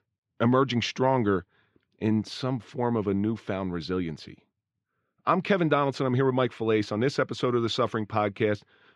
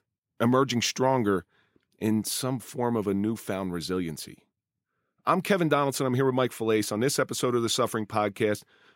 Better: second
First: muffled; very slightly; fading above 4 kHz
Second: none

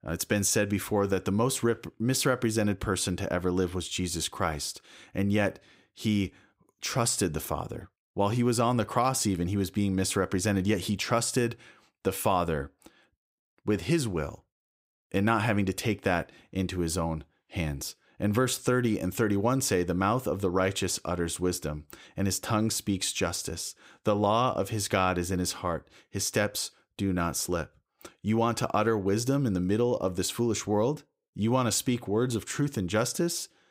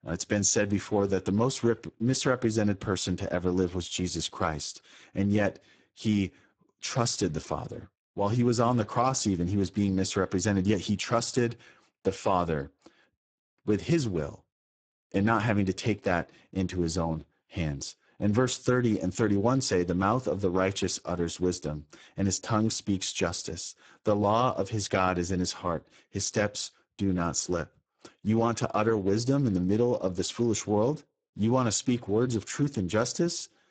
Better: first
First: none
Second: garbled, watery; badly; nothing above 7.5 kHz

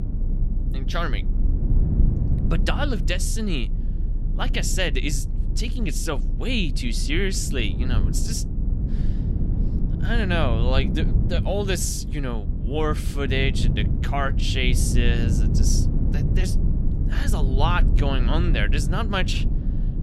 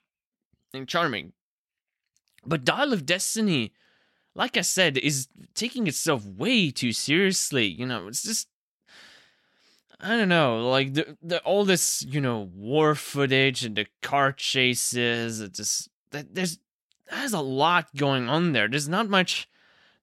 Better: second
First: low rumble; loud; throughout; 10 dB below the speech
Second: none

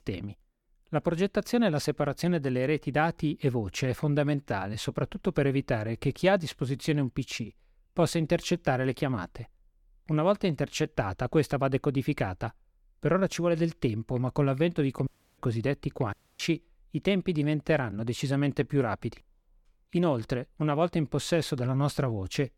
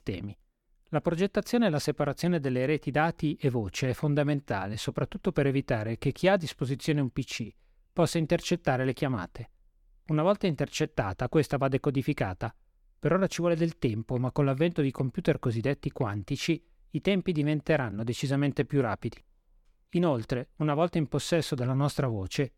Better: second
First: audio cutting out; at 15 s and at 16 s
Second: none

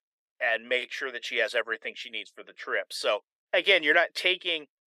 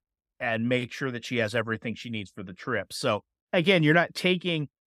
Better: second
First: thin; very; fading below 400 Hz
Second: none

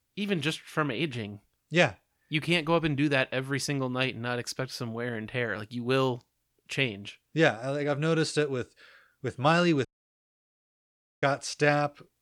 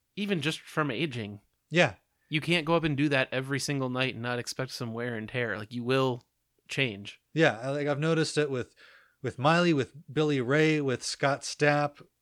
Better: second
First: audio cutting out; at 10 s for 1.5 s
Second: none

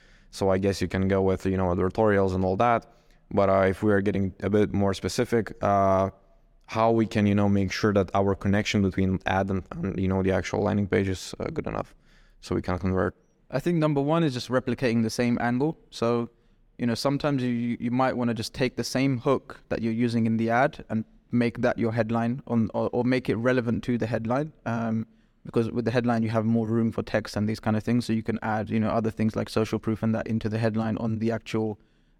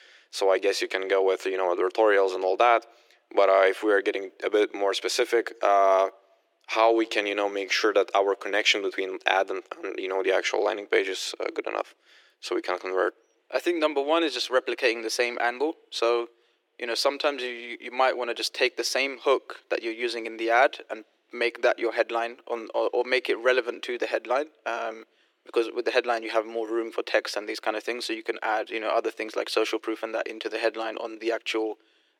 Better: first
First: none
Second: thin; very; fading below 350 Hz

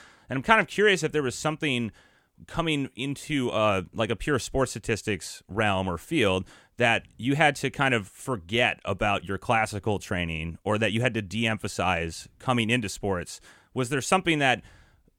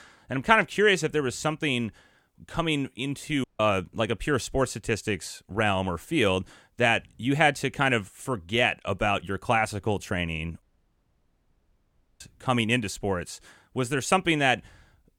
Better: first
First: none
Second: audio cutting out; at 3.5 s and at 11 s for 1.5 s

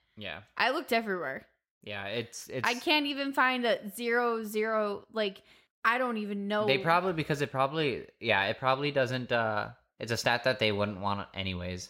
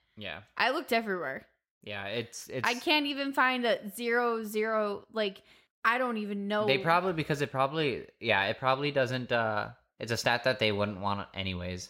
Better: neither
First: none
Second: none

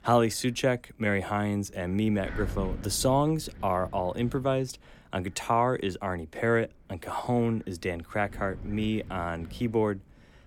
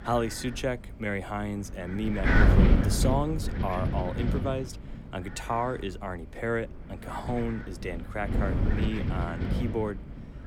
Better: first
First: wind noise on the microphone; occasional gusts; 20 dB below the speech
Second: wind noise on the microphone; heavy; 1 dB below the speech

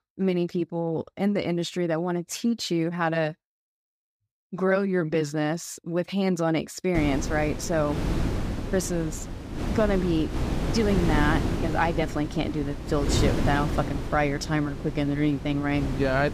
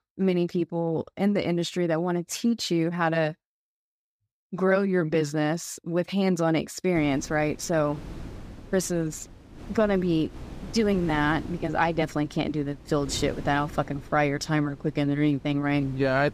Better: second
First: wind noise on the microphone; heavy; from 7 s on; 7 dB below the speech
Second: wind noise on the microphone; occasional gusts; from 7 s on; 20 dB below the speech

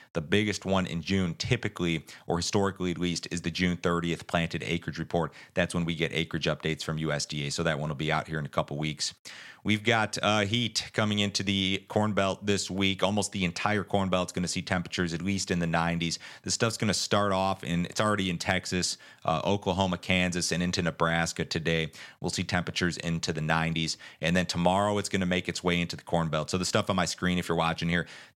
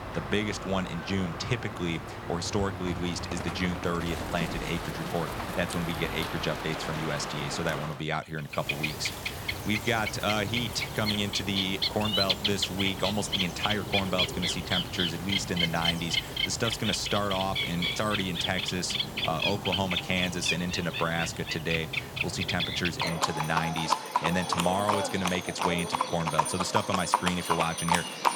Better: first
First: none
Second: animal sounds; loud; throughout; as loud as the speech

